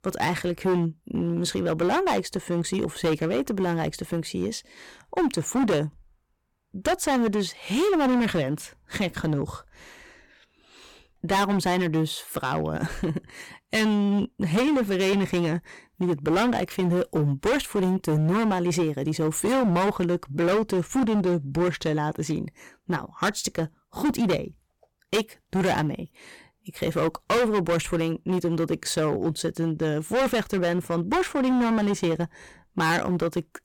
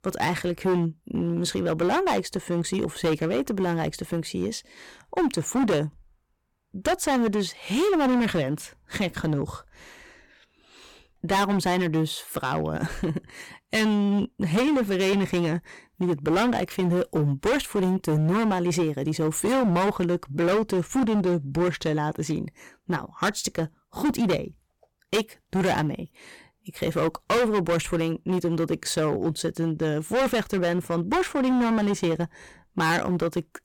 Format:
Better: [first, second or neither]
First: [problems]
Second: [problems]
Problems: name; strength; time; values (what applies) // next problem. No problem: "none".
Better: neither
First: distortion; heavy; 15% of the sound clipped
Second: distortion; heavy; 15% of the sound clipped